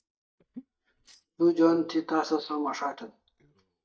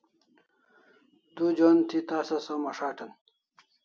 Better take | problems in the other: second | noise reduction (neural mask model DeepFilterNet 3)

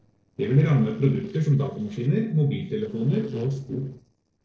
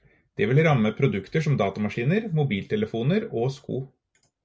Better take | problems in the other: second | noise reduction (neural separator model SepFormer DNS4)

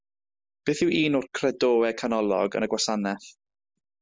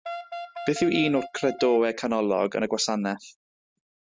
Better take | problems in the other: first | noise reduction (neural mask model RNNoise)

